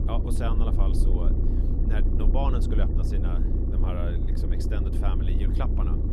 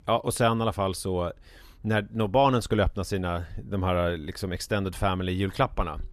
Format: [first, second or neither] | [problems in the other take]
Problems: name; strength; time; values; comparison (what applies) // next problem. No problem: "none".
second | low rumble; loud; throughout; 2 dB below the speech